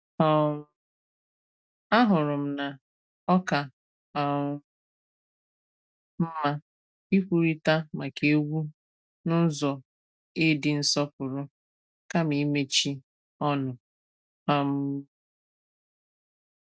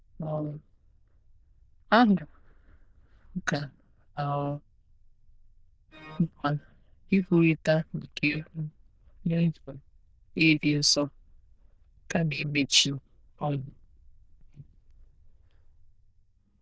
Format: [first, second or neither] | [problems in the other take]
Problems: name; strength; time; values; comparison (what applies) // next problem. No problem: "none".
first | noise reduction (neural diffusion model UNIVERSE++)